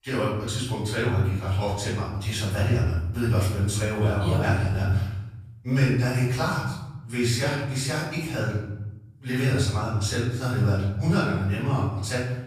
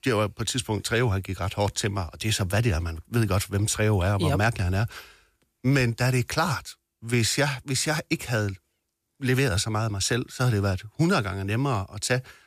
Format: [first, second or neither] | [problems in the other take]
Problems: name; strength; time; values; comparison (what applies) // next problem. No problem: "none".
second | room echo; strong; dies away in 1 s // off-mic speech; far